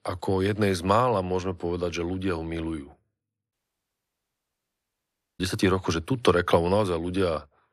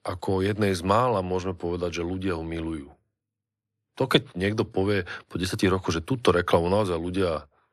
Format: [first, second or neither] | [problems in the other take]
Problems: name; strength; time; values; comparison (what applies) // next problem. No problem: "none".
second | audio cutting out; at 3.5 s for 2 s